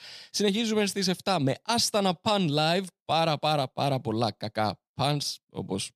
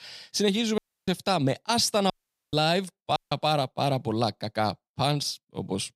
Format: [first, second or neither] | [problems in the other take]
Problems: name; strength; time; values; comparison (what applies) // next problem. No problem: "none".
first | audio cutting out; at 1 s, at 2 s and at 3 s